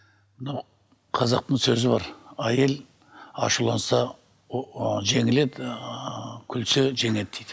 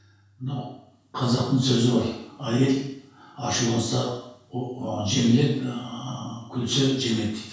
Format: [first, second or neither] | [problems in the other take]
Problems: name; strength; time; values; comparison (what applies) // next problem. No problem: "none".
first | room echo; dies away in 0.6 s